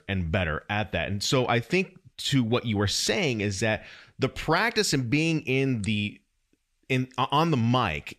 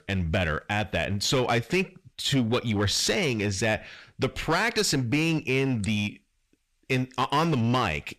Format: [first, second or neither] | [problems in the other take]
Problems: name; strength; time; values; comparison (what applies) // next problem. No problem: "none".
first | distortion; slight; 8% of the sound clipped